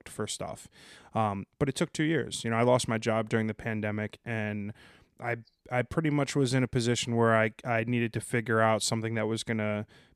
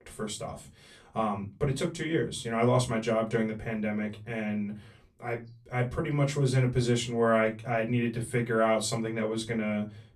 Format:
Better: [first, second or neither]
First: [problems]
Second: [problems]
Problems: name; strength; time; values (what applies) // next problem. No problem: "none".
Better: first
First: none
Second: off-mic speech; far // room echo; very slight; dies away in 0.2 s